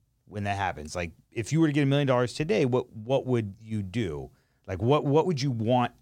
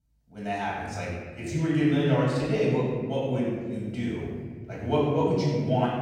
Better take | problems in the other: first | off-mic speech; far // room echo; strong; dies away in 1.7 s

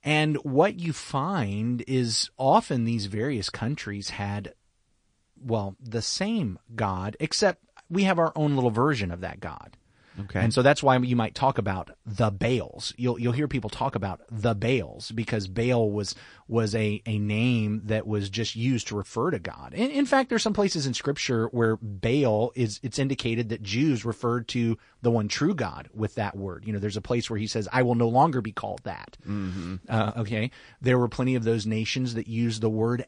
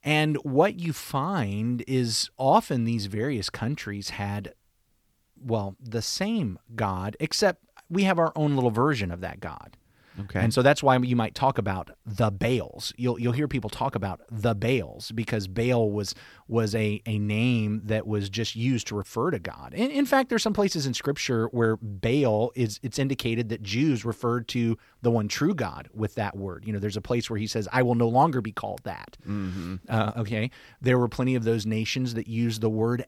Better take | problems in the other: second | garbled, watery; slightly; nothing above 9 kHz

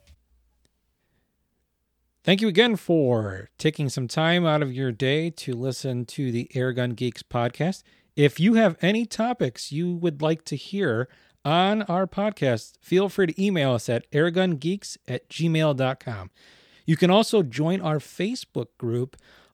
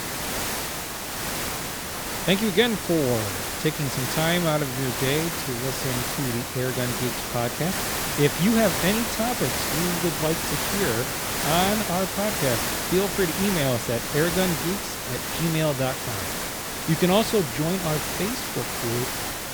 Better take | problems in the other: first | hiss; loud; throughout; 1 dB below the speech

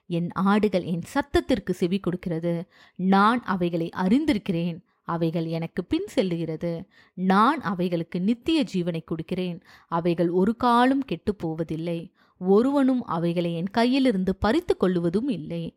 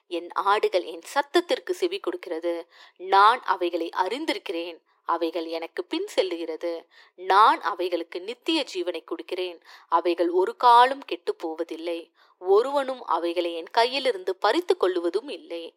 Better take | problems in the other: first | thin; very; fading below 350 Hz

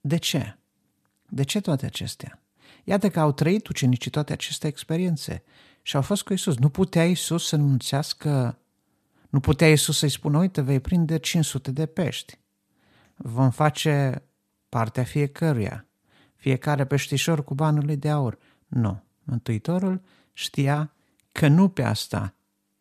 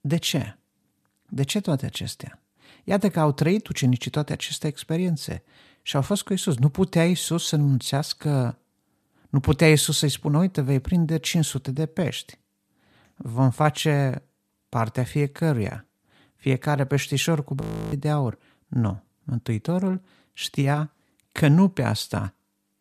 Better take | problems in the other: first | audio freezing; at 18 s

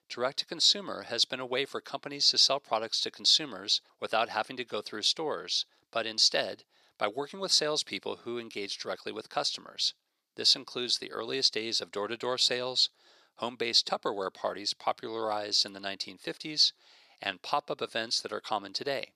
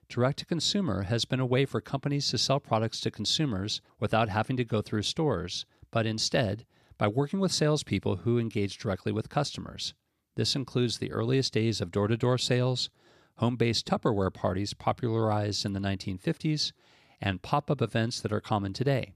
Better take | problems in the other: second | thin; very; fading below 500 Hz

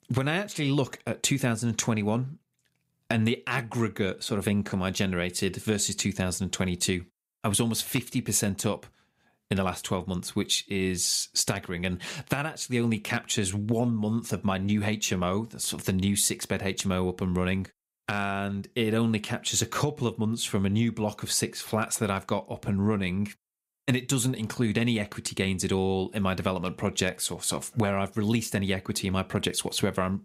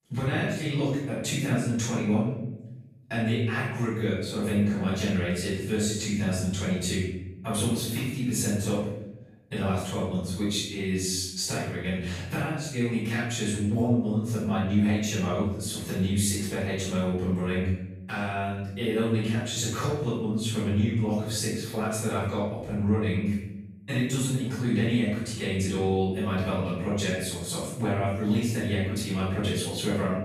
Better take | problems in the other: first | off-mic speech; far // room echo; strong; dies away in 0.9 s

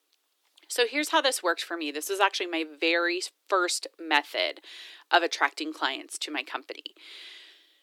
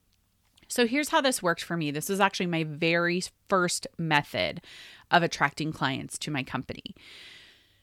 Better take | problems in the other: second | thin; somewhat; fading below 300 Hz

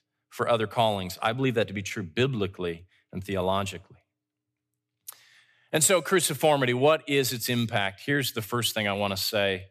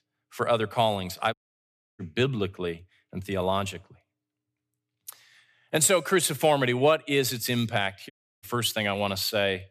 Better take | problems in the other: first | audio cutting out; at 1.5 s for 0.5 s and at 8 s

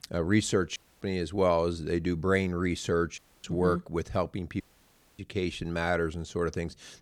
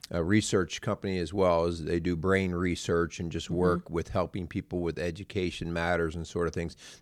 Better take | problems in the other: second | audio cutting out; at 1 s, at 3 s and at 4.5 s for 0.5 s

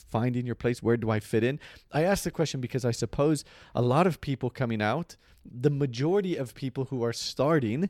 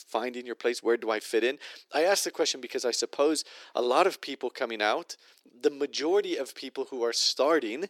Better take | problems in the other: first | thin; very; fading below 300 Hz

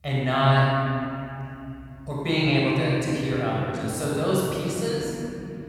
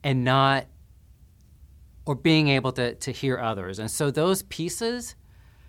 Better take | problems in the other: second | off-mic speech; far // room echo; strong; dies away in 3 s

